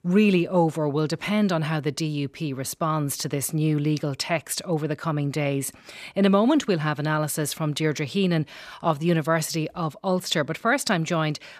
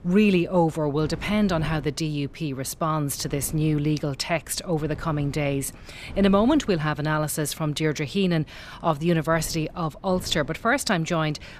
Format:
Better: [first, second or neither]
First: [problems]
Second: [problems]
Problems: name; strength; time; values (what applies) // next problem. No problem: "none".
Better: first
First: none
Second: wind noise on the microphone; occasional gusts; 25 dB below the speech